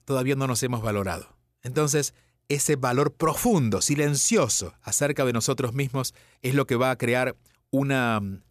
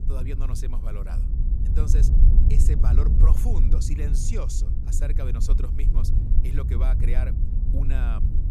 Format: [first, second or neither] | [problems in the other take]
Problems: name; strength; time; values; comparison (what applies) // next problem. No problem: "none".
first | wind noise on the microphone; heavy; 2 dB below the speech